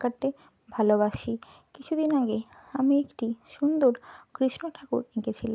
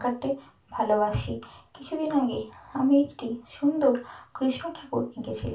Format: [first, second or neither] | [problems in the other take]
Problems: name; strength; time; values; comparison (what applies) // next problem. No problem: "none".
first | room echo; dies away in 0.3 s